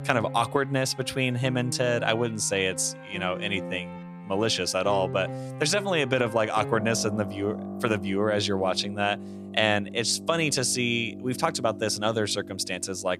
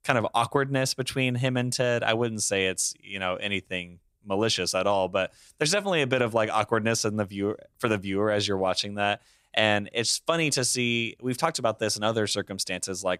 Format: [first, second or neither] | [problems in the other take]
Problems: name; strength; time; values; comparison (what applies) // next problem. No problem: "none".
second | background music; noticeable; throughout; 10 dB below the speech